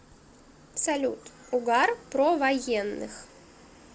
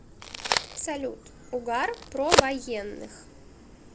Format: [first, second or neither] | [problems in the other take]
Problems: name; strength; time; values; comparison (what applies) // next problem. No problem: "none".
first | background sound (Crack); 2 dB above the speech